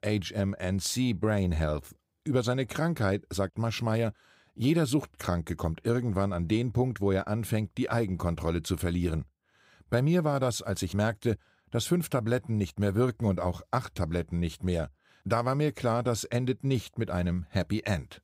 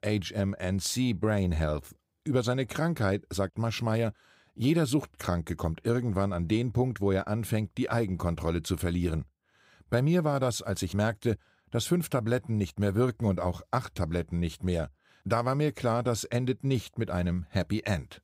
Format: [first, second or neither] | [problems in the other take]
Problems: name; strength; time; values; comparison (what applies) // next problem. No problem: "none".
neither | none